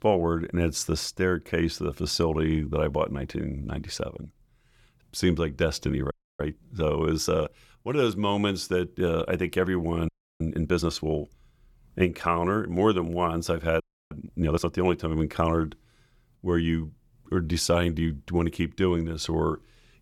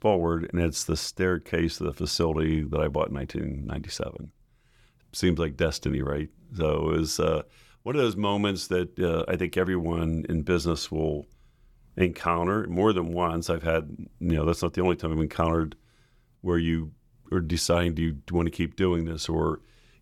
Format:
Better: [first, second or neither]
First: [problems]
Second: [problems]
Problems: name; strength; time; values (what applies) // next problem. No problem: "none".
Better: second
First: audio freezing; at 6 s, at 10 s and at 14 s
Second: none